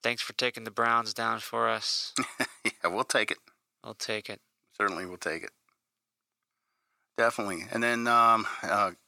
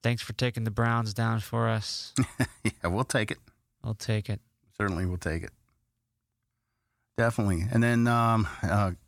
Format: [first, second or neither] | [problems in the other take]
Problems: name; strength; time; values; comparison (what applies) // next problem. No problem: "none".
second | thin; very; fading below 400 Hz